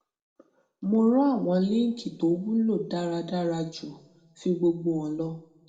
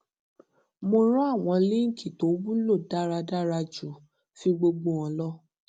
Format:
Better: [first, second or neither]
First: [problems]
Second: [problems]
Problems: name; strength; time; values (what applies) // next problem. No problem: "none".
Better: second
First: room echo; dies away in 0.7 s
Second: none